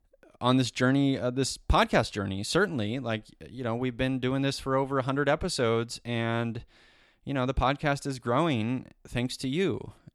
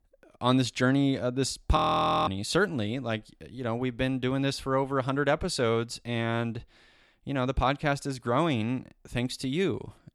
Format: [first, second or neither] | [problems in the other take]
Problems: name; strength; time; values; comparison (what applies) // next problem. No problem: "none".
first | audio freezing; at 2 s for 0.5 s